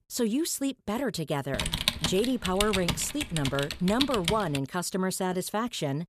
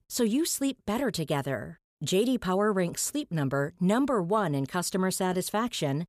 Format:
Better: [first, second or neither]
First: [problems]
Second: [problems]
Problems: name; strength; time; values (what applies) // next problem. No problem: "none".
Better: second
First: keyboard typing; loud; from 1.5 to 4.5 s; peak 2 dB above the speech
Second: none